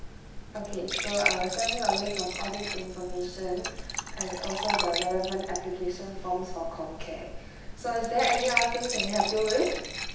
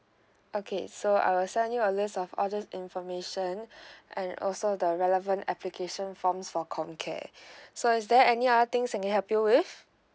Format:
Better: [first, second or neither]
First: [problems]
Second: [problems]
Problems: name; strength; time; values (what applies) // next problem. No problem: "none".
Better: second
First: background sound (Fill (with liquid) / Trickle, dribble / Glass); 2 dB below the speech // room echo; dies away in 0.9 s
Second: none